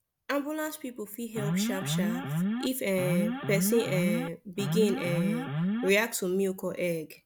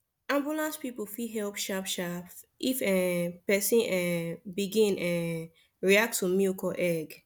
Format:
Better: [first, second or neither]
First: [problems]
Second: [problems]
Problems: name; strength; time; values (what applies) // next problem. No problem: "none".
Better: second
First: background sound (Alarm); as loud as the speech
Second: none